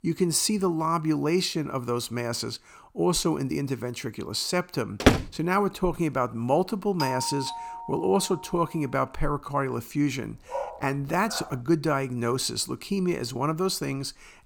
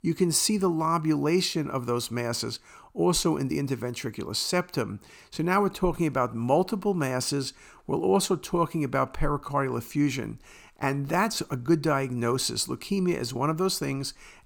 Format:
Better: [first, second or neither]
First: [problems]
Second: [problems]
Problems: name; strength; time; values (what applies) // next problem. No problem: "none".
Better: second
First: door banging; loud; at 5 s; peak 5 dB above the speech // doorbell; noticeable; from 7 to 8.5 s; peak 4 dB below the speech // dog barking; noticeable; from 10 to 12 s; peak 7 dB below the speech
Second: none